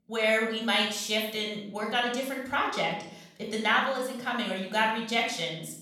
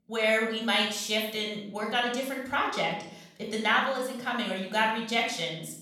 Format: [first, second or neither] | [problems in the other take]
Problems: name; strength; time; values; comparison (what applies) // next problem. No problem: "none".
neither | off-mic speech; somewhat distant; the same in both // room echo; noticeable; dies away in 0.6 s; the same in both